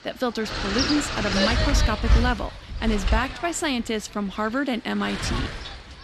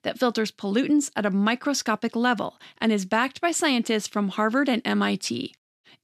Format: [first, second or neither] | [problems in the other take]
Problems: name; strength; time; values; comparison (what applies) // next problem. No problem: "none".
second | wind noise on the microphone; heavy; as loud as the speech